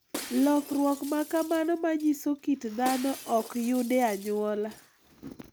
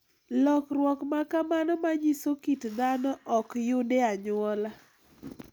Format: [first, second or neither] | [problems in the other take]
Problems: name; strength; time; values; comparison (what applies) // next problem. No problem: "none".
second | background sound (Shatter); 16 dB below the speech